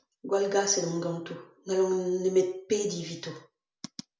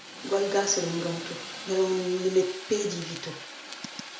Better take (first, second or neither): first